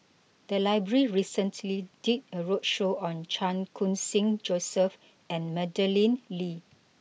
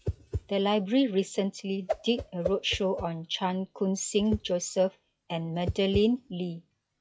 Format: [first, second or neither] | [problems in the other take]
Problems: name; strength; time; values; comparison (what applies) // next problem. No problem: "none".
first | noise reduction (classical method log-MMSE)